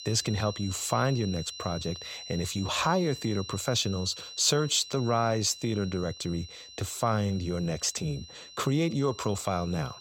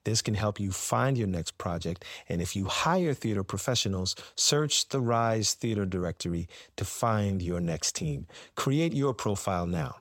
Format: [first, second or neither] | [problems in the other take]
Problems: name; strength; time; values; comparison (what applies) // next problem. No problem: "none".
second | high-pitched whine; noticeable; throughout; 4 kHz, 15 dB below the speech